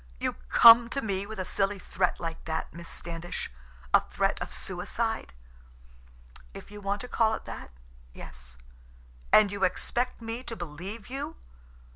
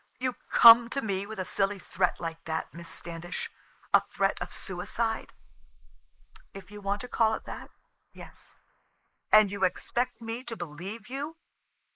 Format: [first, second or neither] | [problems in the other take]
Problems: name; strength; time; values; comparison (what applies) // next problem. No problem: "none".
first | noise reduction (neural mask model Resemble Enhance denoiser)